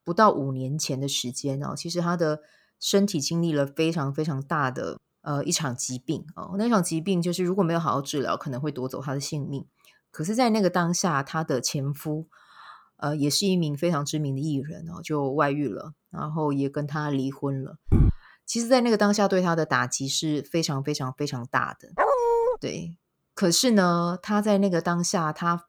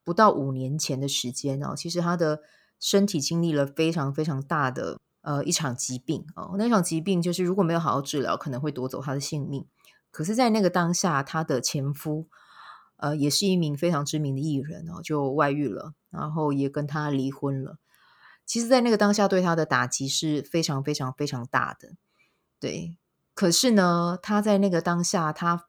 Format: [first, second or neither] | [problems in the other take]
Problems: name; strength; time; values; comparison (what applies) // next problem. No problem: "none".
second | footsteps; loud; at 18 s; peak 3 dB above the speech // dog barking; loud; at 22 s; peak 4 dB above the speech